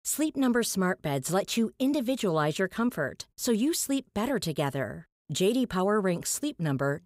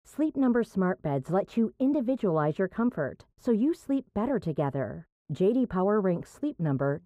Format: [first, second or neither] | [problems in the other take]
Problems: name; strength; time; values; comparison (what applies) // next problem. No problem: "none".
first | muffled; very; fading above 2.5 kHz